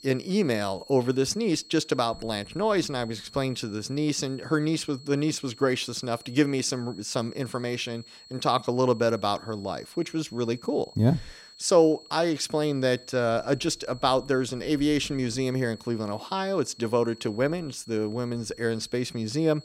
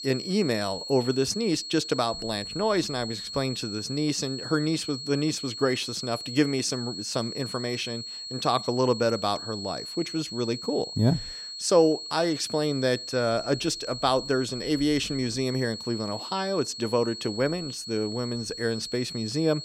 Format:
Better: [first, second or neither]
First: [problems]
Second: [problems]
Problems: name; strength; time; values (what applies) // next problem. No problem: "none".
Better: first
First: high-pitched whine; faint; throughout; 4.5 kHz, 20 dB below the speech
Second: high-pitched whine; loud; throughout; 4.5 kHz, 8 dB below the speech